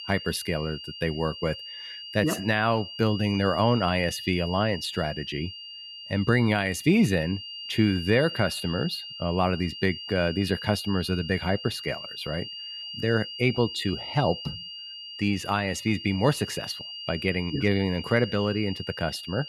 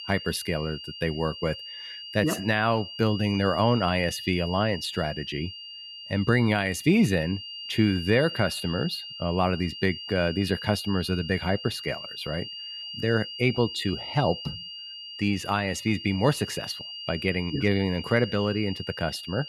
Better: neither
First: high-pitched whine; loud; throughout; 3 kHz, 10 dB below the speech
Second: high-pitched whine; loud; throughout; 3 kHz, 10 dB below the speech

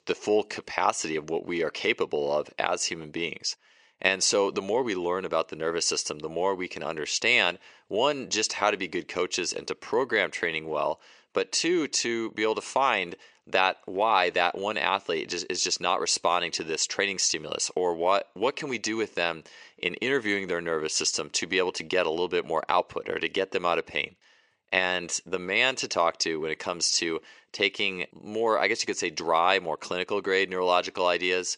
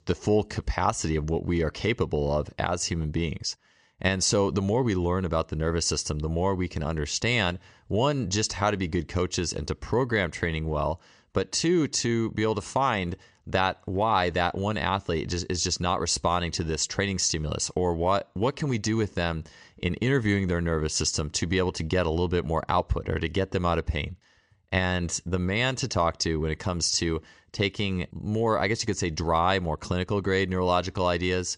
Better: second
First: thin; somewhat; fading below 400 Hz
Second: none

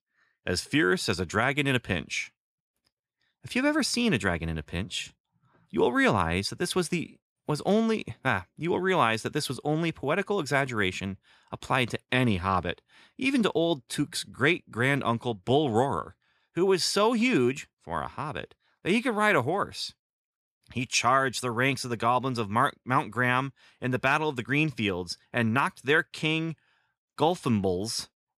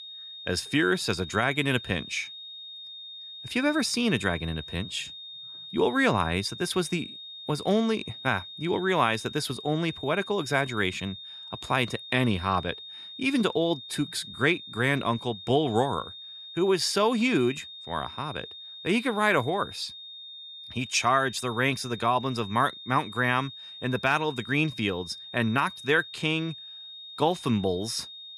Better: first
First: none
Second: high-pitched whine; noticeable; throughout; 3.5 kHz, 15 dB below the speech

